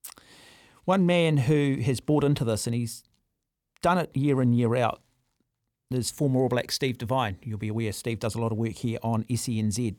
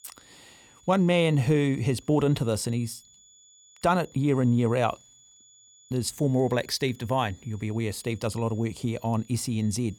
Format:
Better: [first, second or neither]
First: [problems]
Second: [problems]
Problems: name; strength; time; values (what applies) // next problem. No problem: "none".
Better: first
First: none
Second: high-pitched whine; faint; throughout; 7 kHz, 25 dB below the speech